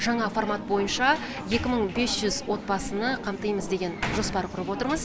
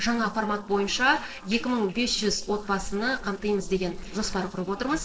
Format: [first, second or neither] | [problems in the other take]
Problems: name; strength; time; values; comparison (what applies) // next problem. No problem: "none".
first | noise reduction (neural separator model SepFormer DNS4)